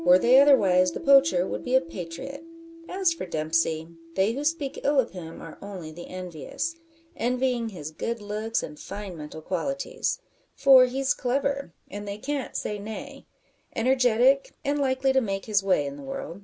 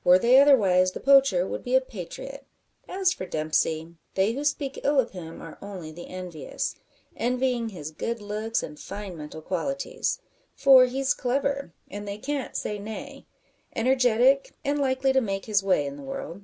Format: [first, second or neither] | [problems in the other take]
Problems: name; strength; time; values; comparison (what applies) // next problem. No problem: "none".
second | background sound (Piano); 18 dB below the speech